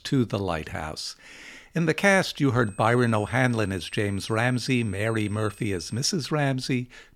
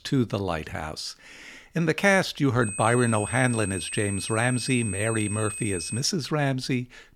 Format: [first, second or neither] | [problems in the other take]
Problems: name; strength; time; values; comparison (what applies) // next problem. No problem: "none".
first | high-pitched whine; loud; from 2.5 to 6 s; 8.5 kHz, 7 dB below the speech; faint in the first